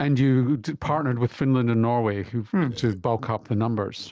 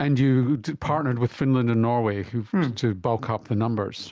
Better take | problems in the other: second | noise reduction (neural separator model SepFormer DNS4)

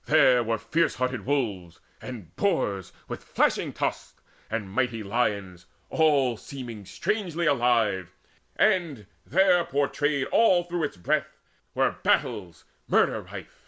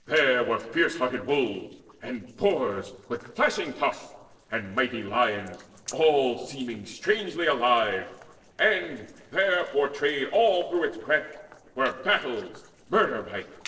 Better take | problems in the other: first | noise reduction (neural separator model SepFormer DNS4)

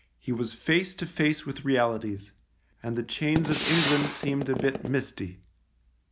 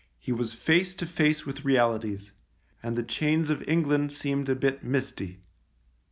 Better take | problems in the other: second | background sound (Gunshot, gunfire); 2 dB below the speech

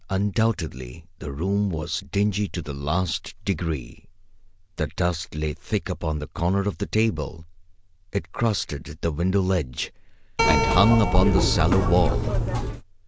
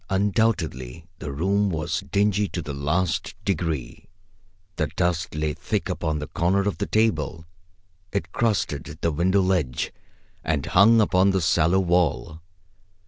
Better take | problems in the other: second | background sound (Keyboard (musical)); 4 dB above the speech

